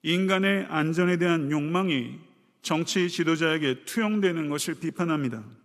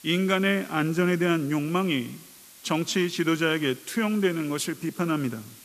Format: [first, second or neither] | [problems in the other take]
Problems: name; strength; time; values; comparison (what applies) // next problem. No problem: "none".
first | hiss; faint; throughout; 20 dB below the speech